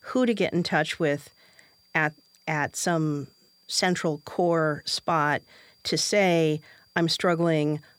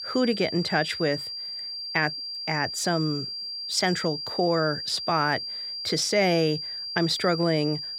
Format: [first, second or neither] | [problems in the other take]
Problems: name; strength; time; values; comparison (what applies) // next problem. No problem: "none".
first | high-pitched whine; loud; throughout; 4.5 kHz, 5 dB below the speech; faint in the first